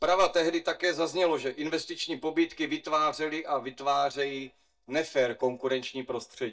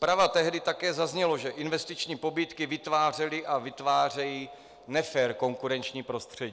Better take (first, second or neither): second